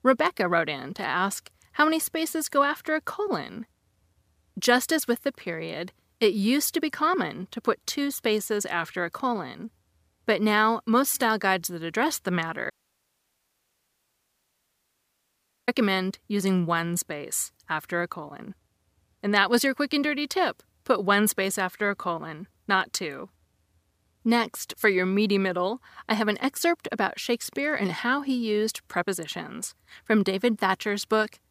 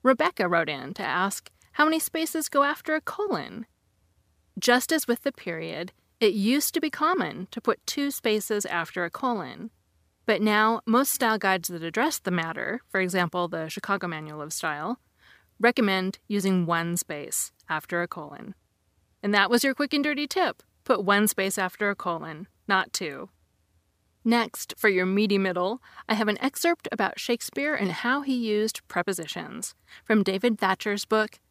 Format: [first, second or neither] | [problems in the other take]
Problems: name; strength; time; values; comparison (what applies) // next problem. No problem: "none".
second | audio cutting out; at 13 s for 3 s